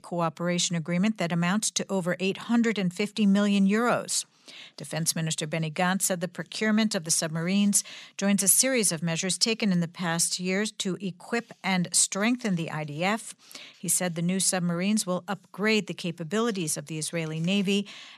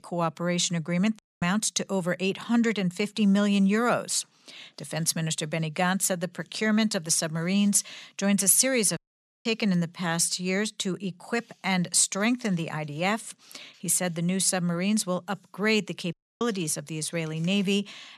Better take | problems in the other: first | audio cutting out; at 1 s, at 9 s and at 16 s

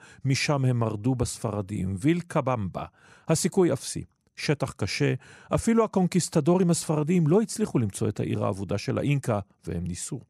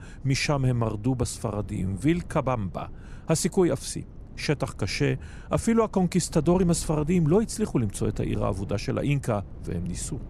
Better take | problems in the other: first | wind noise on the microphone; occasional gusts; 25 dB below the speech

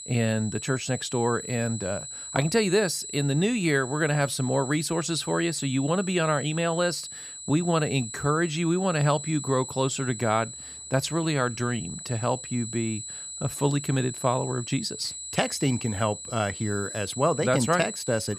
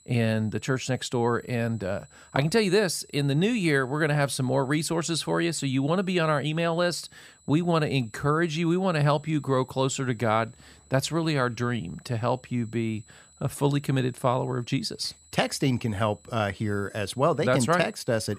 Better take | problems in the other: second | high-pitched whine; loud; throughout; 8 kHz, 9 dB below the speech; faint in the second

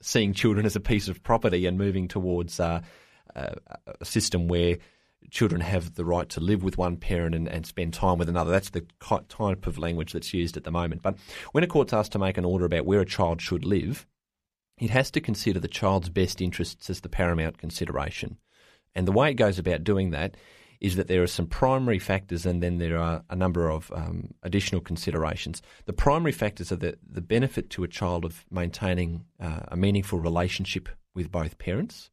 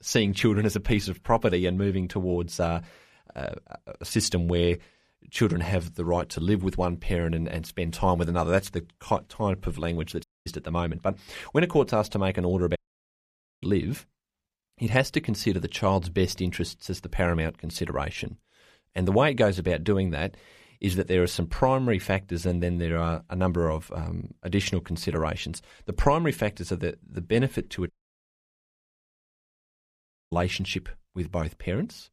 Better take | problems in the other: first | audio cutting out; at 10 s, at 13 s for 1 s and at 28 s for 2.5 s

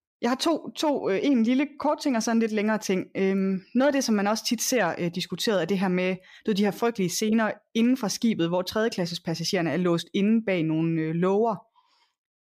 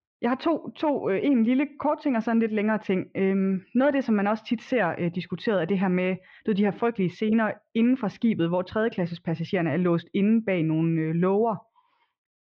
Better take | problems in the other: first | muffled; very; fading above 3 kHz

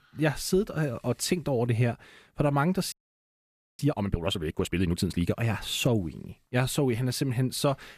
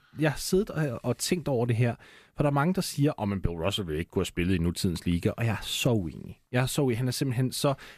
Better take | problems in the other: second | audio freezing; at 3 s for 1 s

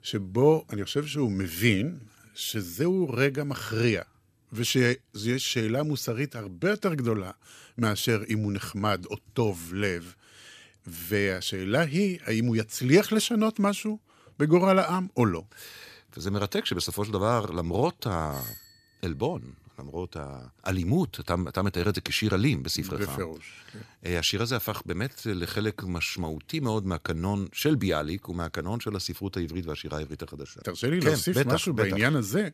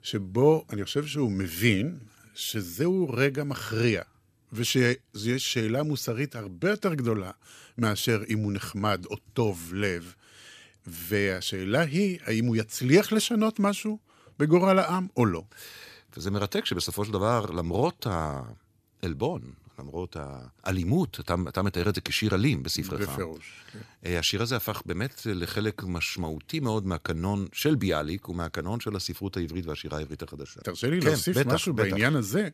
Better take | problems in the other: second | doorbell; faint; at 18 s; peak 10 dB below the speech

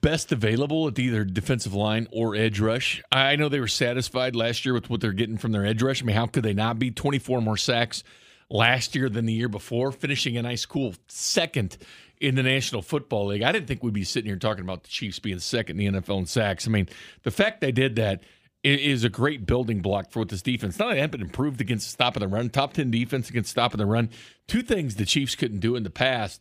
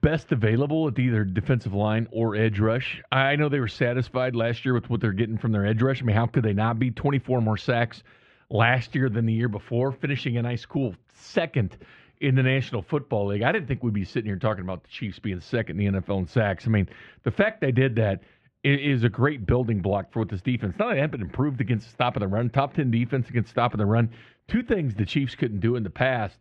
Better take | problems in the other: first | muffled; very; fading above 1.5 kHz

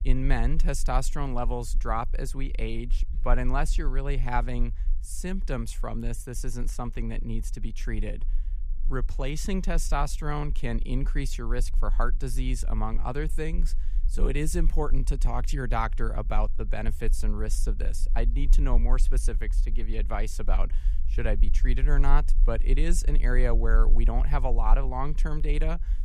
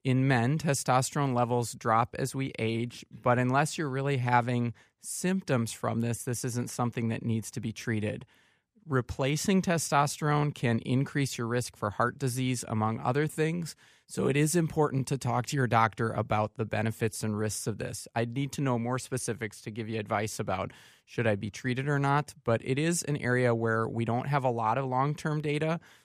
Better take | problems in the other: second | low rumble; faint; throughout; 20 dB below the speech

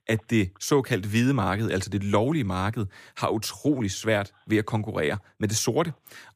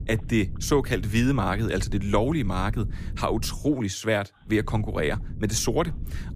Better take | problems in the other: first | low rumble; faint; until 3.5 s and from 4.5 s on; 20 dB below the speech

